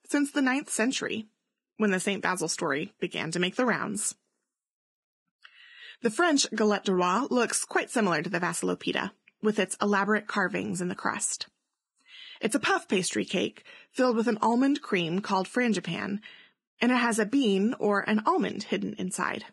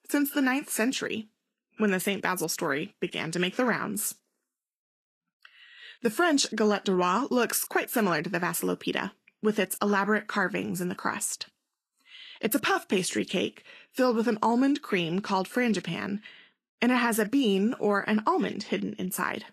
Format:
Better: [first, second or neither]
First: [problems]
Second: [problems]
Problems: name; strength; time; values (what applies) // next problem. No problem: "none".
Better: second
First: garbled, watery; badly; nothing above 10.5 kHz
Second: garbled, watery; slightly; nothing above 13 kHz